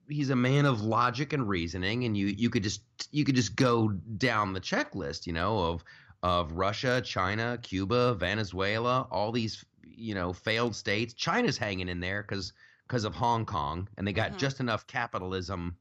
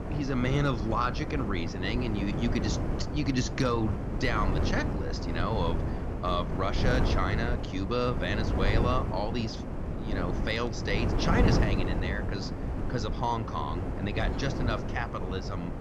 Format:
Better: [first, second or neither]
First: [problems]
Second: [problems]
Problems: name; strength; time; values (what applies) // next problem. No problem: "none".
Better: first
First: none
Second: wind noise on the microphone; heavy; 5 dB below the speech